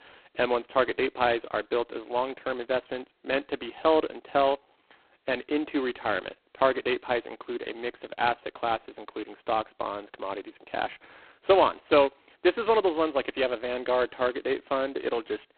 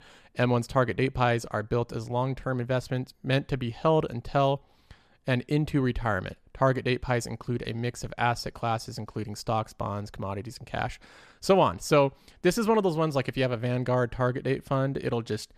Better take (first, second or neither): second